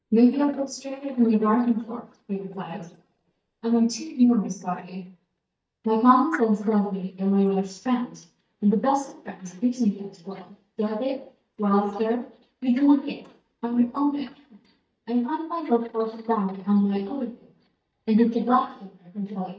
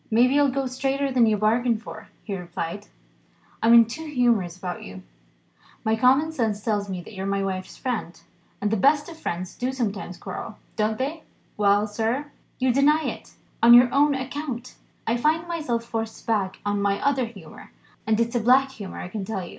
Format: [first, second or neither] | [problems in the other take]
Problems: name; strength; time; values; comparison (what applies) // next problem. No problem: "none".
second | noise reduction (neural mask model DeepFilterNet 3)